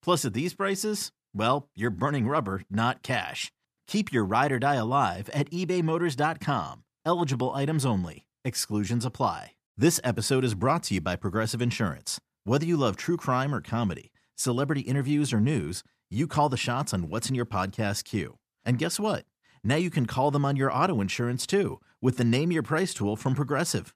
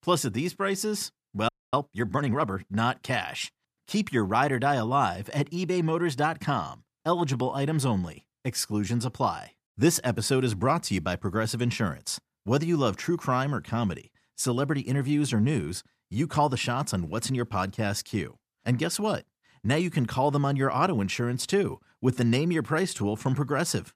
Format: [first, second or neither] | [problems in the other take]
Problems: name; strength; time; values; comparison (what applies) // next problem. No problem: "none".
first | audio freezing; at 1.5 s